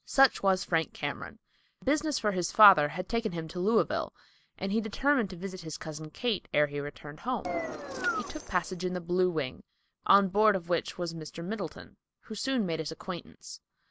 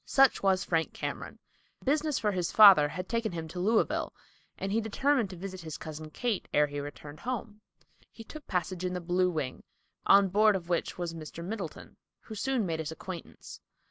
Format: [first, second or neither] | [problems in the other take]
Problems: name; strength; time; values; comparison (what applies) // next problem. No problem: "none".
second | background sound (Engine); 5 dB below the speech